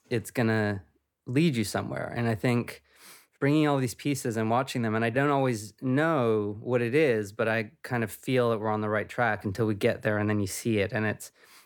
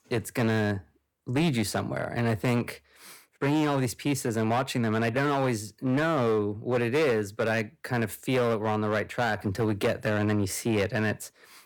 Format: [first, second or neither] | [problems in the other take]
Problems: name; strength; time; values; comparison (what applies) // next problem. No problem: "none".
first | distortion; slight; 10% of the sound clipped